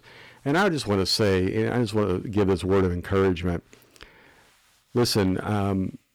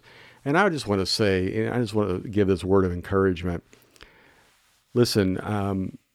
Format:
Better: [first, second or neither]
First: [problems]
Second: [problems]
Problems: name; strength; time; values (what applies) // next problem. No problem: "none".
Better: second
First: distortion; slight; 6% of the sound clipped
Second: none